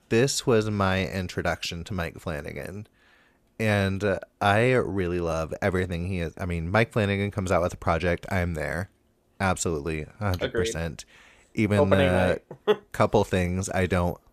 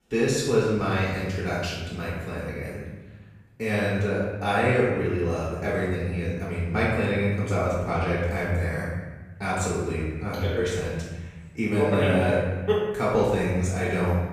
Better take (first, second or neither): first